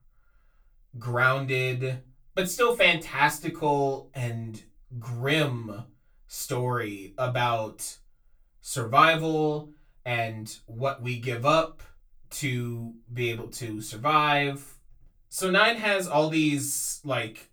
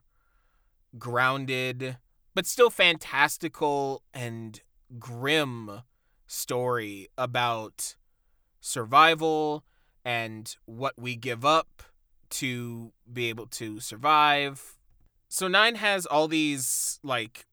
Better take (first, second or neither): second